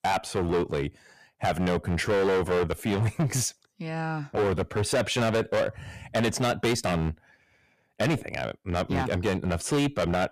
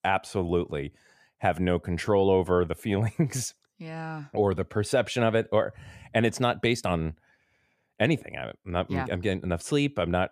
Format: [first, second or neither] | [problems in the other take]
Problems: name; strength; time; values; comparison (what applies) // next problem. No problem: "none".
second | distortion; heavy; 15% of the sound clipped